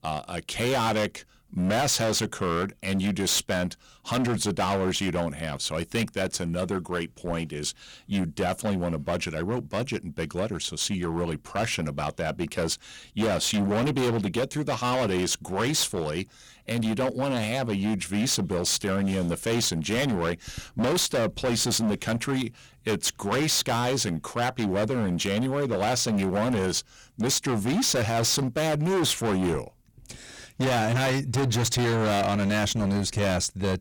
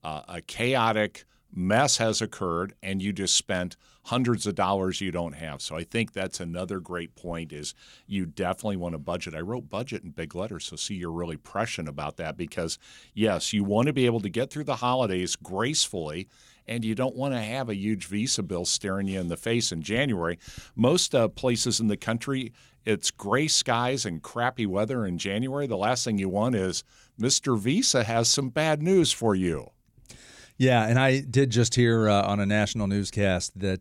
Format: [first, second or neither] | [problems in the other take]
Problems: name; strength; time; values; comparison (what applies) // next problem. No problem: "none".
second | distortion; heavy; 21% of the sound clipped